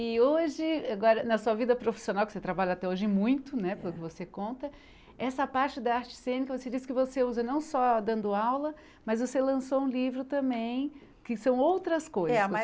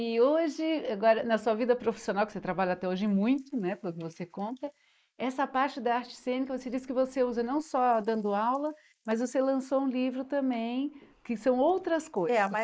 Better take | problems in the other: first | noise reduction (neural mask model Resemble Enhance denoiser)

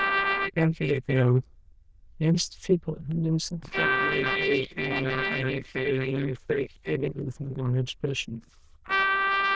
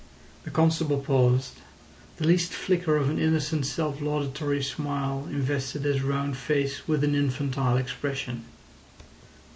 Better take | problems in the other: second | noise reduction (neural diffusion model UNIVERSE++)

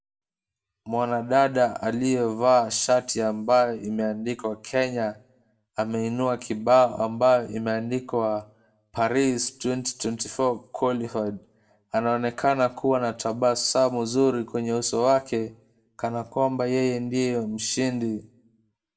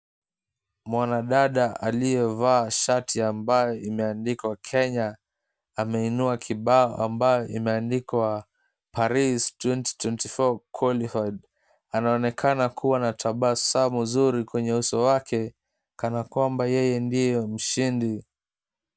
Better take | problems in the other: second | room echo; dies away in 0.4 s

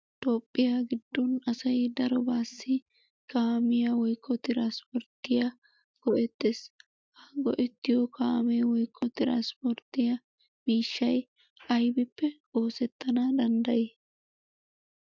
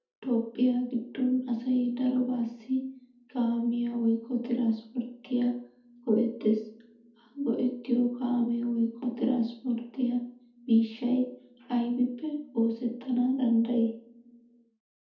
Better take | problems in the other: first | room echo; dies away in 0.6 s

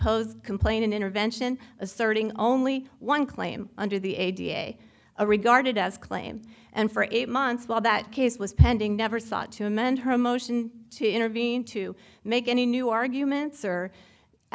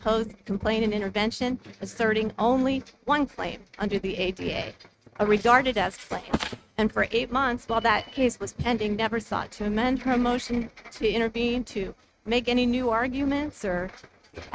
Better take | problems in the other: first | noise reduction (neural mask model RNNoise)

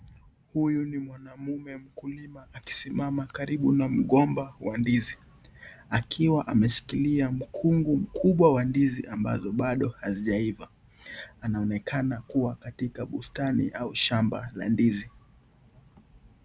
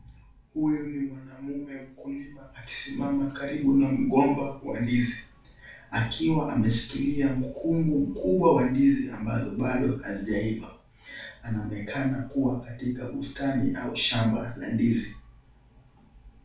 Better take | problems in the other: first | room echo; dies away in 0.3 s

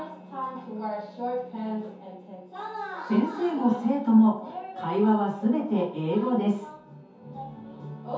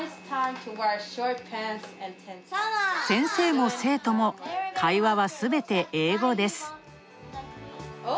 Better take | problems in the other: second | room echo; dies away in 0.6 s

